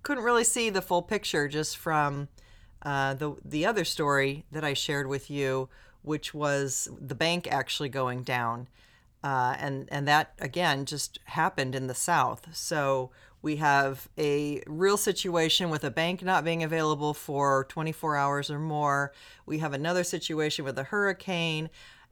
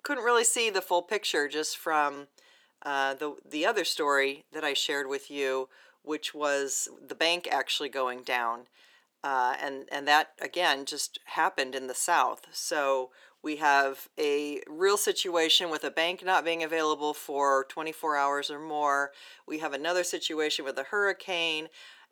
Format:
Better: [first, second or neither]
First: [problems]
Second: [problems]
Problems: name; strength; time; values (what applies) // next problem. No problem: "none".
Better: first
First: none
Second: thin; somewhat; fading below 300 Hz